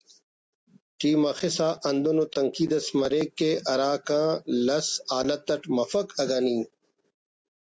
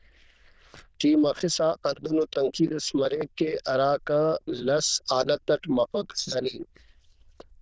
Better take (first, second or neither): first